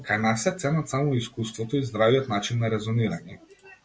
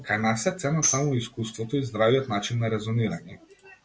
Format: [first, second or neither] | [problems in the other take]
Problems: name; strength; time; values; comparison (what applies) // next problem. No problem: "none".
first | background sound (Tambourine); 6 dB below the speech